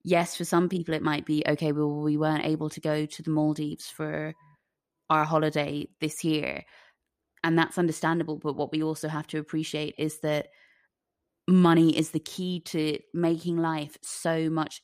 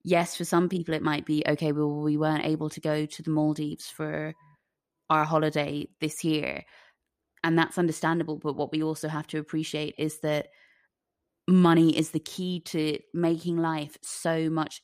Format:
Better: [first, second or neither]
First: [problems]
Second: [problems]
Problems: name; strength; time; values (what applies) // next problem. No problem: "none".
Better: neither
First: none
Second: none